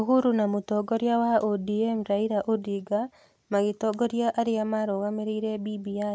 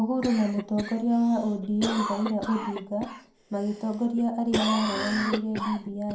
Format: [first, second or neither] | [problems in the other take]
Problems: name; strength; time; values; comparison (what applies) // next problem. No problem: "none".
first | background sound (Cough); 8 dB below the speech // room echo; dies away in 0.4 s